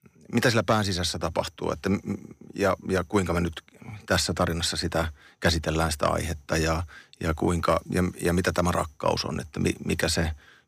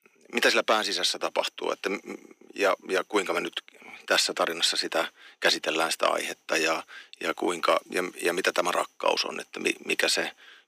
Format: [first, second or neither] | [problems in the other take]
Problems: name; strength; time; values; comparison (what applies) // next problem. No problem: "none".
first | thin; somewhat; fading below 300 Hz